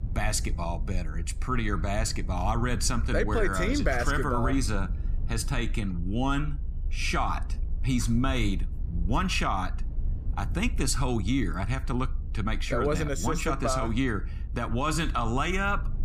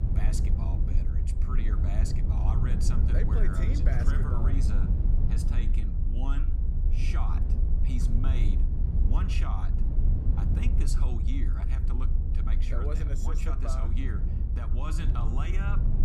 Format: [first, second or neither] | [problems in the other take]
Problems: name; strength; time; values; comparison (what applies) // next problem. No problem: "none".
first | low rumble; loud; throughout; 2 dB below the speech; faint in the first